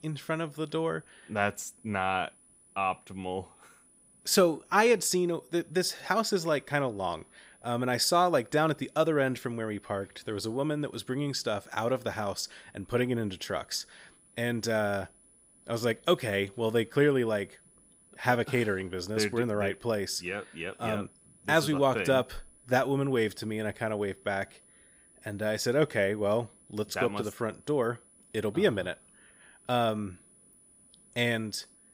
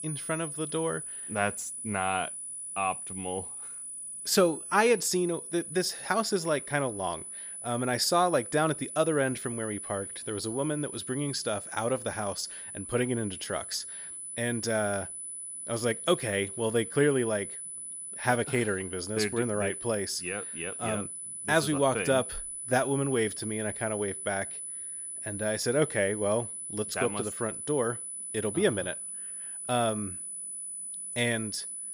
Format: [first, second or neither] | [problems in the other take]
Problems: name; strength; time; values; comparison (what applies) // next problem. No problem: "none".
first | high-pitched whine; loud; throughout; 10 kHz, 7 dB below the speech; faint in the first